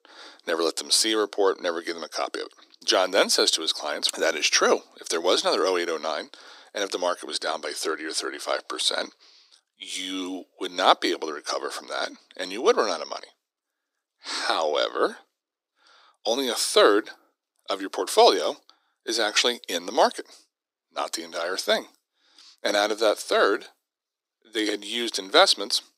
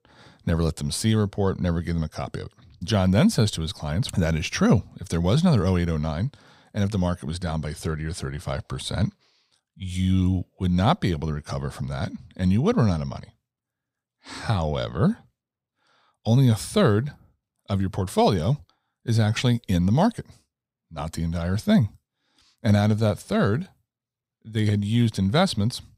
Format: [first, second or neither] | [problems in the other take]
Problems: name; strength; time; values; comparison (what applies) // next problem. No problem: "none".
second | thin; very; fading below 300 Hz